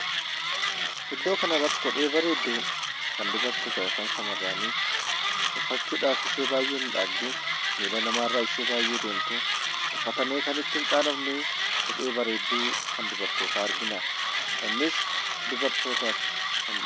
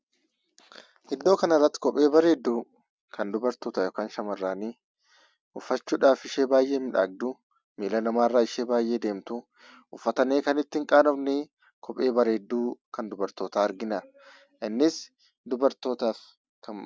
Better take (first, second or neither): second